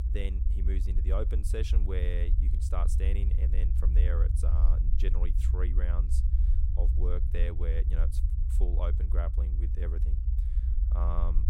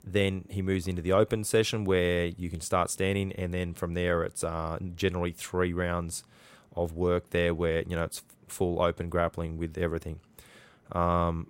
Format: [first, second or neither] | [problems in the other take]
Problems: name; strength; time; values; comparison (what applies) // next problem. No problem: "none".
second | low rumble; loud; throughout; 6 dB below the speech